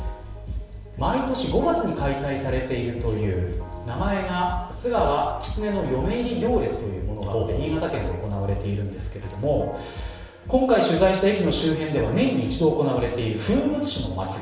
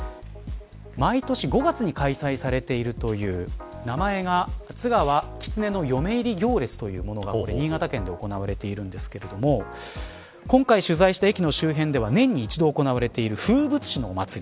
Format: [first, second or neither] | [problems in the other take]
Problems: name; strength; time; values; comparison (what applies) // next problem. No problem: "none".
second | room echo; dies away in 0.8 s